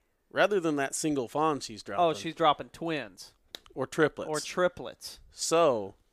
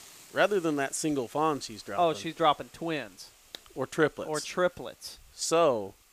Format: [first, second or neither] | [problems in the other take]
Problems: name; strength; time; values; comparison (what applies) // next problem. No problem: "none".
first | hiss; faint; throughout; 25 dB below the speech